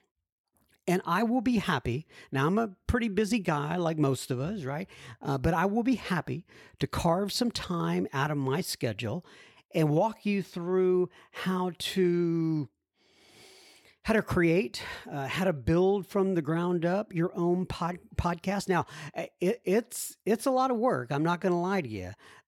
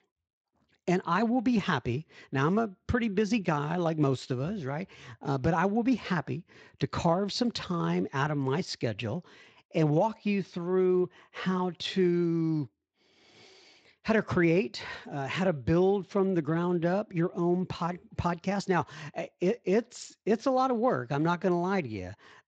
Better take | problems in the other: first | garbled, watery; slightly; nothing above 7.5 kHz

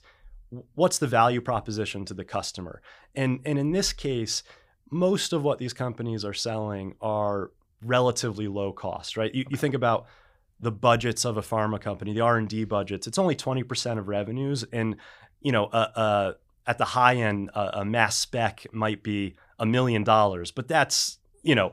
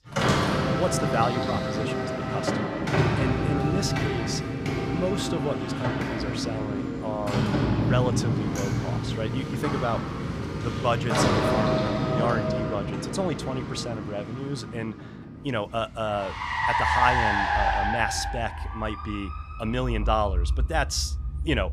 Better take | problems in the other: first | traffic noise; very loud; throughout; 3 dB above the speech

